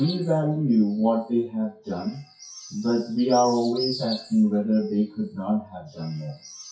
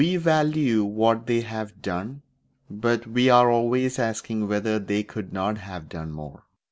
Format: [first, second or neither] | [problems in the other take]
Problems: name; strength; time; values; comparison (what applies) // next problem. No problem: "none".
second | noise reduction (classical method WPE with log-MMSE)